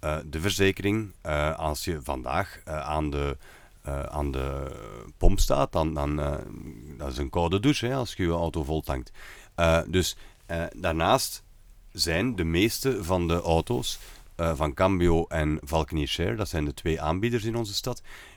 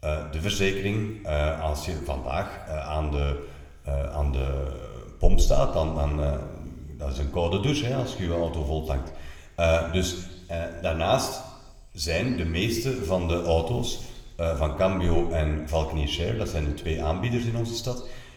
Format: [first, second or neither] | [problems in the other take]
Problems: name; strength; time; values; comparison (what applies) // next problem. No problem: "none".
first | room echo; slight; dies away in 1 s